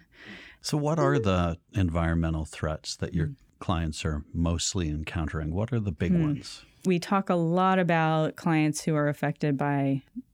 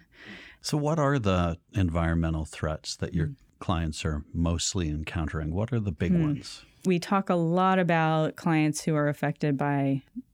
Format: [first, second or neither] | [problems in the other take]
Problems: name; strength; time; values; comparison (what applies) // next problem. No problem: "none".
second | phone ringing; noticeable; at 1 s; peak 4 dB below the speech